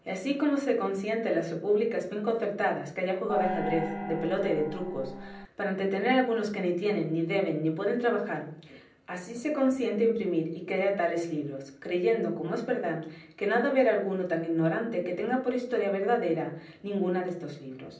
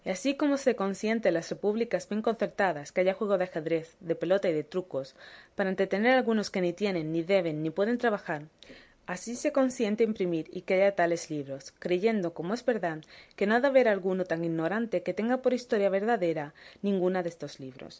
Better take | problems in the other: second | background sound (Gong); 6 dB below the speech // room echo; dies away in 0.6 s

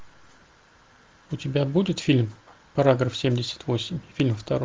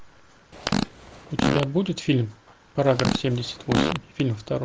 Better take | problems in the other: first | background sound (Fart); 3 dB below the speech

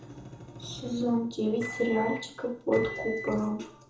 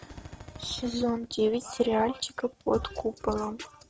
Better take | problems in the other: second | background sound (Microwave oven); 10 dB below the speech // room echo; dies away in 0.6 s

